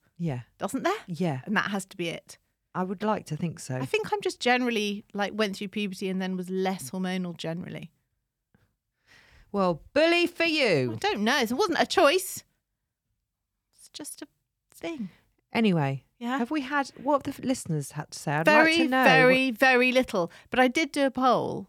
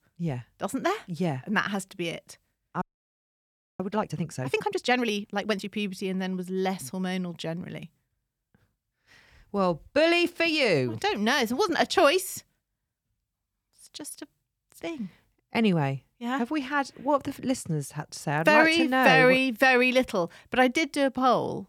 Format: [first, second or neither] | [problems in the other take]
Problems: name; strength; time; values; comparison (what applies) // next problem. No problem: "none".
first | audio freezing; at 3 s for 1 s